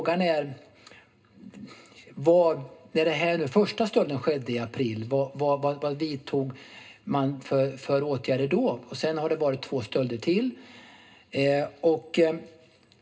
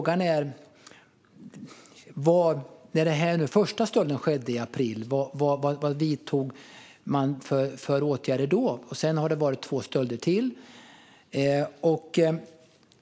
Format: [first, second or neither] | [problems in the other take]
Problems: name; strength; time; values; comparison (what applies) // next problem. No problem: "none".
second | room echo; dies away in 0.2 s